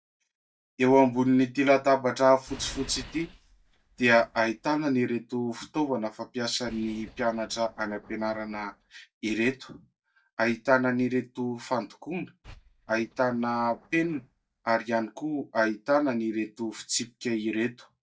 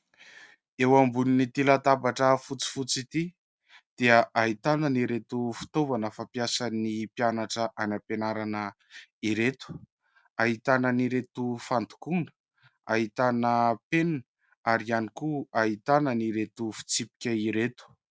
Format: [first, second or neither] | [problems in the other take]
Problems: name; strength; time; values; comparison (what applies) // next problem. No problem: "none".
second | noise reduction (neural mask model DeepFilterNet 3)